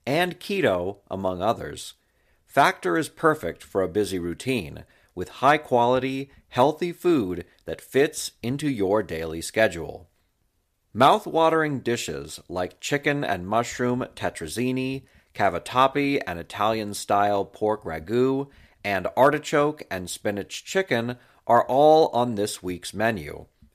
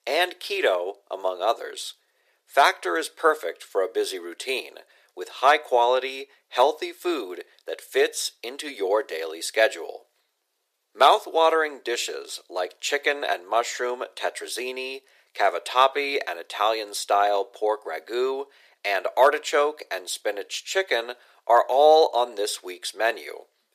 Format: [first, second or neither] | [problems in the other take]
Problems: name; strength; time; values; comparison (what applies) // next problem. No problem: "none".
first | thin; very; fading below 400 Hz